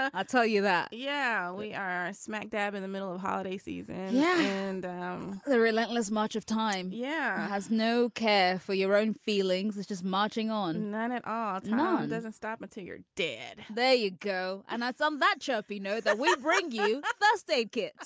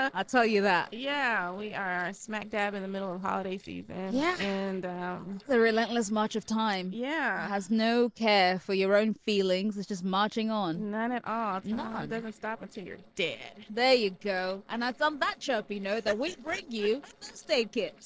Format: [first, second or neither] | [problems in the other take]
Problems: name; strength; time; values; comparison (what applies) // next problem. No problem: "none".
first | noise reduction (neural separator model SepFormer DNS4)